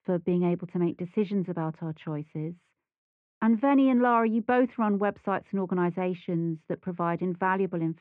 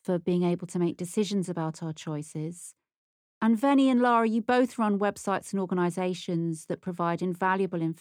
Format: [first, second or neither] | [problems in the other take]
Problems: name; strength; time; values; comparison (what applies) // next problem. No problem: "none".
second | muffled; very; fading above 2.5 kHz